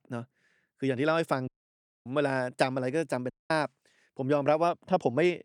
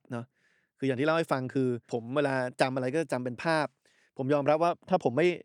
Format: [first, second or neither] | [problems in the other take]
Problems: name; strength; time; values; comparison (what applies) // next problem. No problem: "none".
second | audio cutting out; at 1.5 s for 0.5 s and at 3.5 s